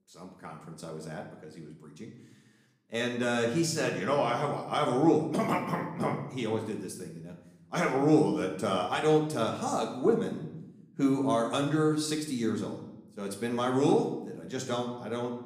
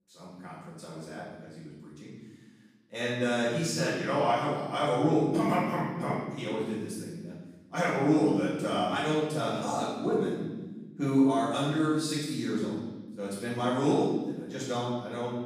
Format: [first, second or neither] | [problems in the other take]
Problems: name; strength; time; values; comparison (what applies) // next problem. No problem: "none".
first | room echo; strong; dies away in 1.2 s; slight in the first // off-mic speech; far; somewhat distant in the first